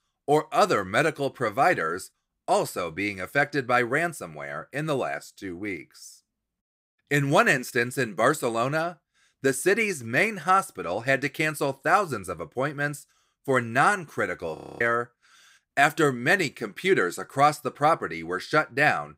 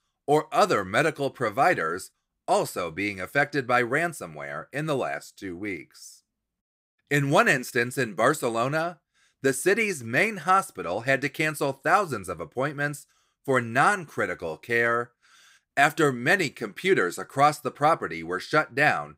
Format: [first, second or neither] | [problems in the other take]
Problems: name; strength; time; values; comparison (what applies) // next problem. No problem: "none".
second | audio freezing; at 15 s